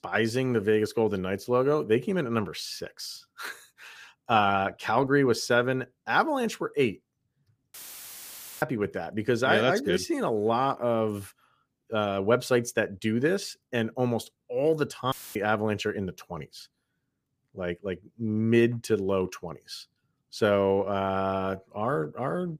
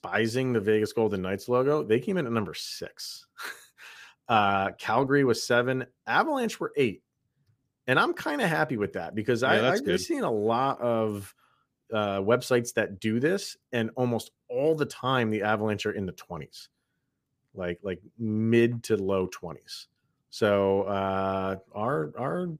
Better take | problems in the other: second | audio cutting out; filled with static; at 7.5 s for 1 s and at 15 s

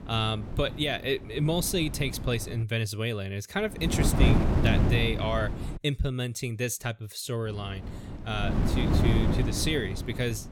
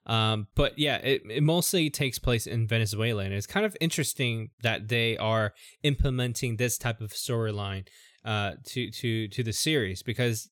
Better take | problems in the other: second | wind noise on the microphone; heavy; until 2.5 s, from 3.5 to 6 s and from 7.5 s on; 4 dB below the speech

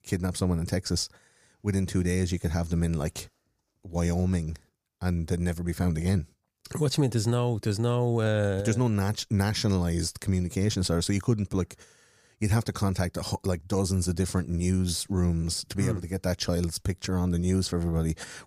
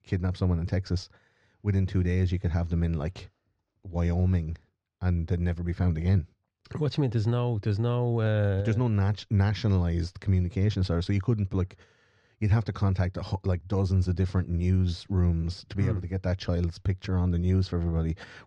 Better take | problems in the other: first | muffled; slightly; fading above 4 kHz

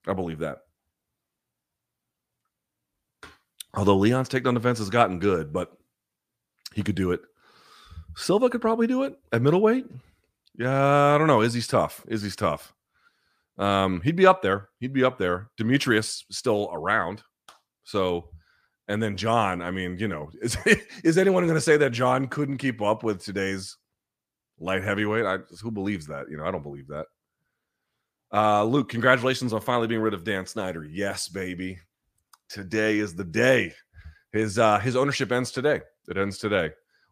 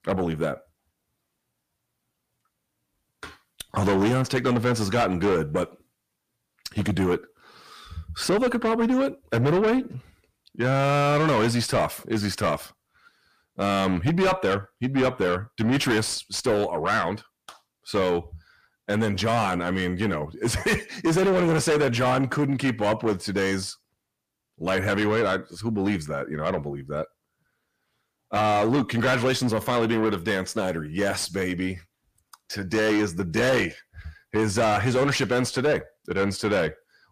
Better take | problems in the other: first | distortion; heavy; 6 dB below the speech

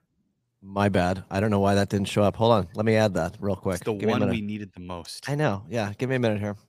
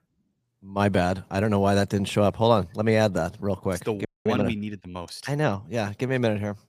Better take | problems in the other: first | audio freezing; at 4 s

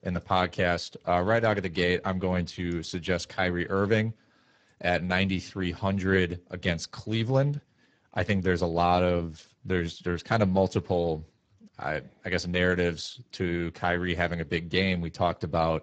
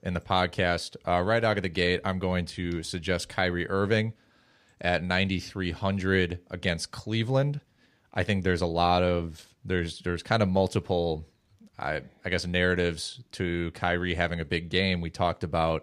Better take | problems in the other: second | garbled, watery; badly; nothing above 7.5 kHz

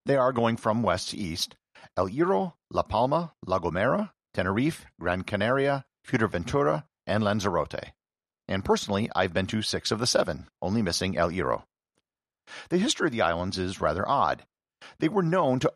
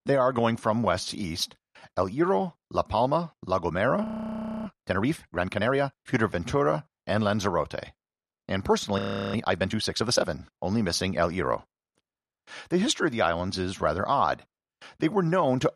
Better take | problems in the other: first | audio freezing; at 4 s for 0.5 s and at 9 s

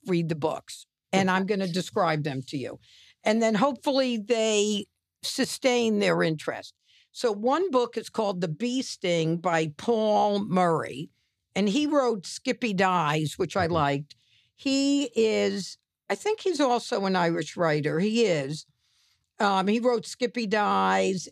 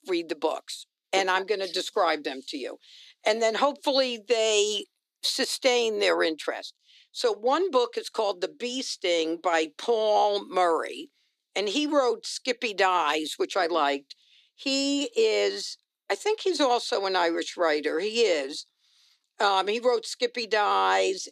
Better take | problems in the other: first | thin; somewhat; fading below 300 Hz

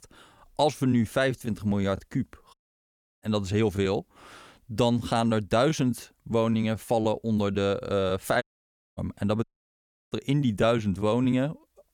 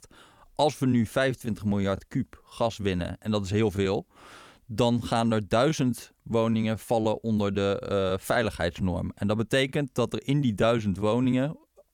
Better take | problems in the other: second | audio cutting out; at 2.5 s for 0.5 s, at 8.5 s for 0.5 s and at 9.5 s for 0.5 s

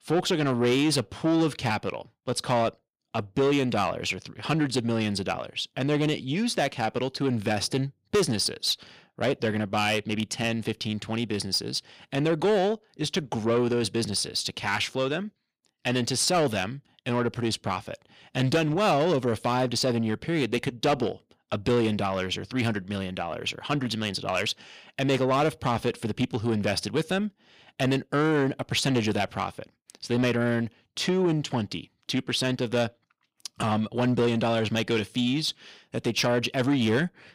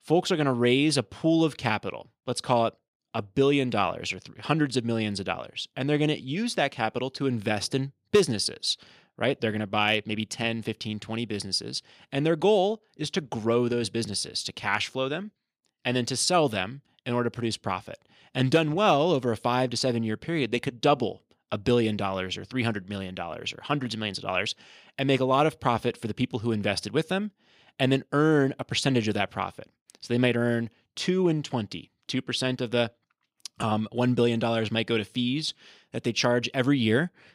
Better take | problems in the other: second | distortion; slight; 10 dB below the speech

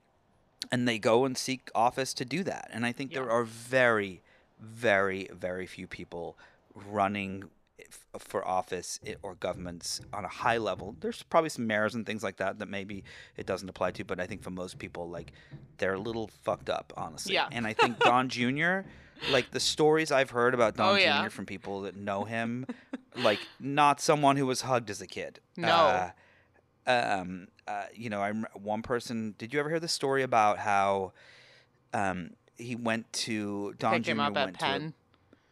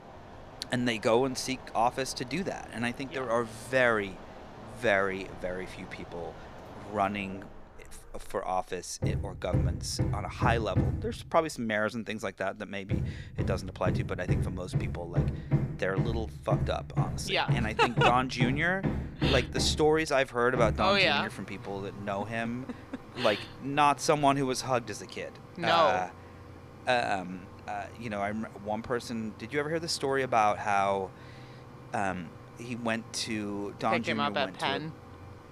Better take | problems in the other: first | machinery noise; loud; throughout; 6 dB below the speech; faint in the first

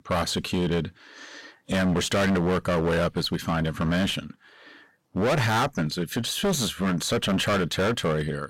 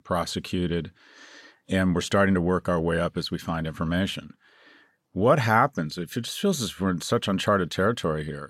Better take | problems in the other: second | distortion; heavy; 19% of the sound clipped

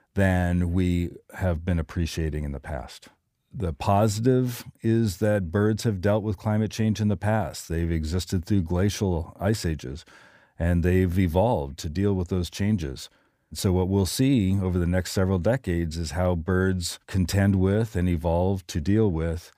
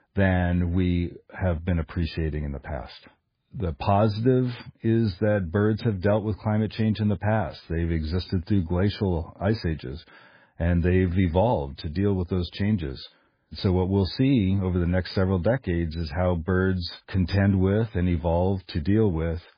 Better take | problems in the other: first | garbled, watery; badly; nothing above 5 kHz

